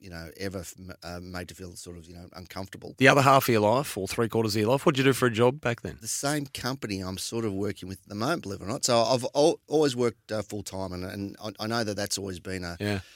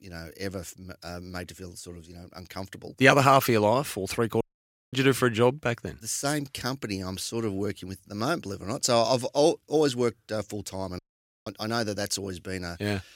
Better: first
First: none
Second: audio cutting out; at 4.5 s for 0.5 s and at 11 s

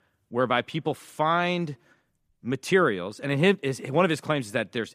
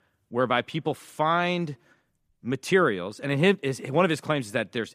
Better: neither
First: none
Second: none

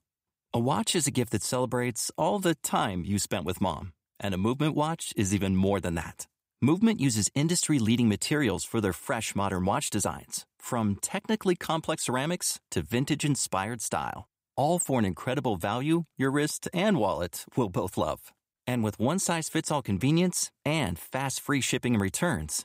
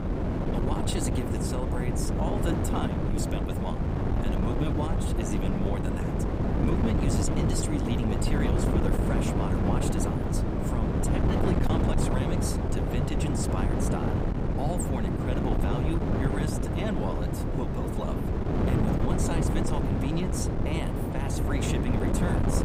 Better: first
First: none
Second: wind noise on the microphone; heavy; 4 dB above the speech

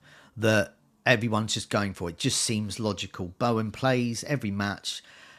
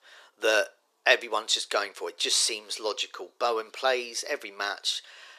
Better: first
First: none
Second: thin; very; fading below 400 Hz

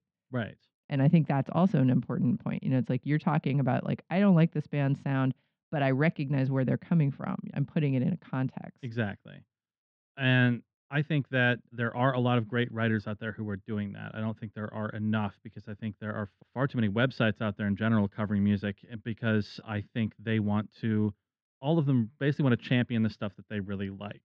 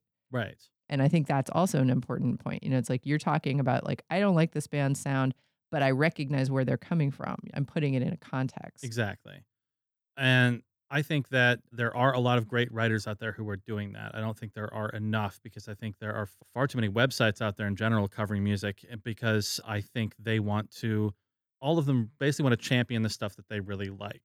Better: second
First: muffled; slightly; fading above 3.5 kHz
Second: none

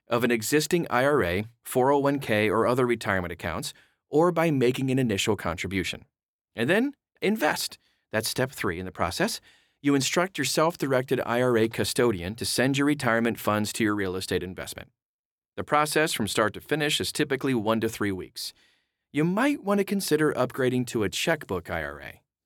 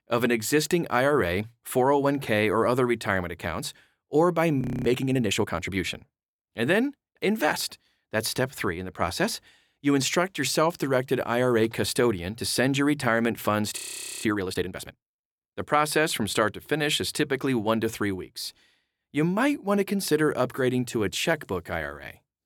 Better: first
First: none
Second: audio freezing; at 4.5 s and at 14 s

